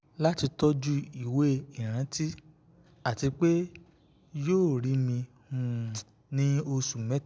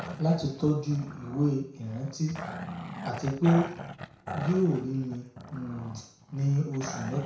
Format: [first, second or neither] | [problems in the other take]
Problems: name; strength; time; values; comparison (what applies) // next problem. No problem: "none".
first | background sound (Growling); 10 dB below the speech // room echo; dies away in 0.6 s